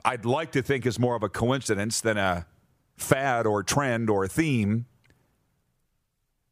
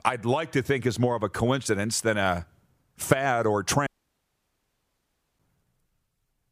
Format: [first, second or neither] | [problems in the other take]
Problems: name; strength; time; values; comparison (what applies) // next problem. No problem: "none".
first | audio cutting out; at 4 s for 1.5 s